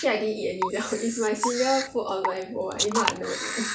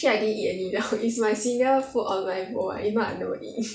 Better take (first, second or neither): second